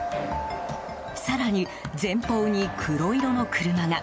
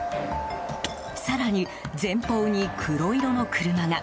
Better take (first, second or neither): first